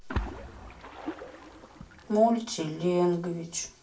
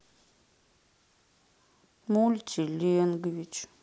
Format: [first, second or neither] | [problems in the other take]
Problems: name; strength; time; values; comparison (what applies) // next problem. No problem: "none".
second | background sound (Splash, splatter); 11 dB below the speech // room echo; dies away in 0.3 s